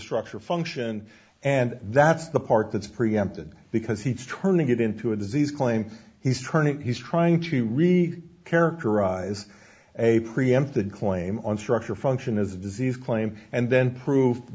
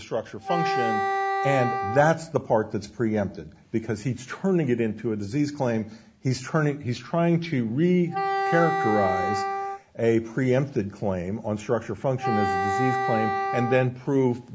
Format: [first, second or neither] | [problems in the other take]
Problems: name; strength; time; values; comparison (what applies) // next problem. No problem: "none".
first | background sound (Wind instrument, woodwind instrument); 2 dB below the speech